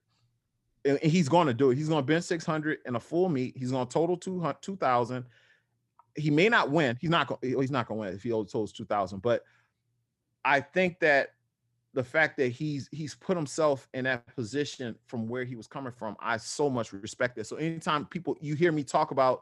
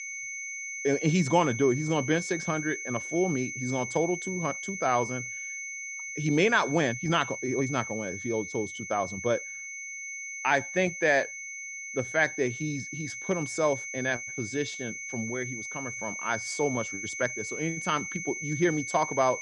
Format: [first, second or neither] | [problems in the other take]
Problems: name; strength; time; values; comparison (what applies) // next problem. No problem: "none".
first | high-pitched whine; loud; throughout; 2 kHz, 6 dB below the speech